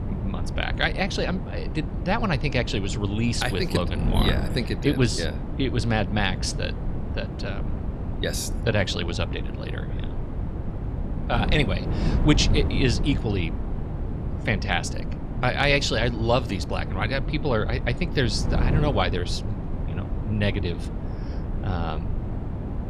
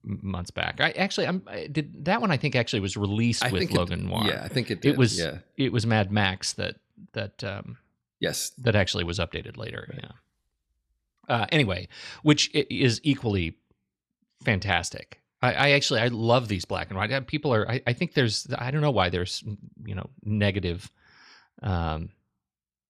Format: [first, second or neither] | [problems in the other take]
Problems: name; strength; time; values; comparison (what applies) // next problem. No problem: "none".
second | wind noise on the microphone; occasional gusts; 10 dB below the speech